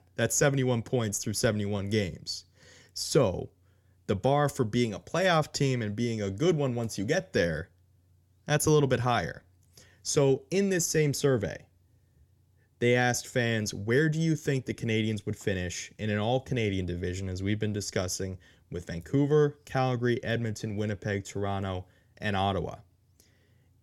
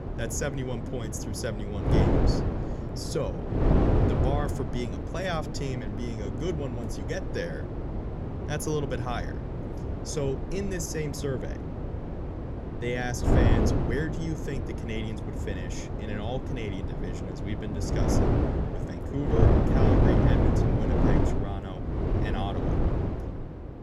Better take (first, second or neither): first